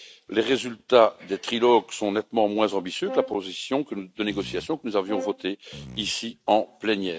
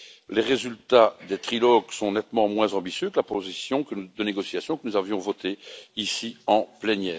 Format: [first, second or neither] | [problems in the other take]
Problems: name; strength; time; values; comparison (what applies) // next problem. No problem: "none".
second | noise reduction (neural mask model RNNoise)